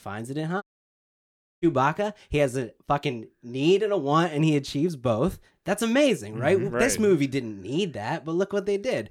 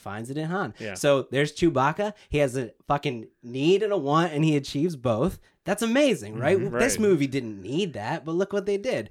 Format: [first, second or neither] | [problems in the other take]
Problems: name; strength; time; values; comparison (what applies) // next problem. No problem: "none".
second | audio cutting out; at 0.5 s for 1 s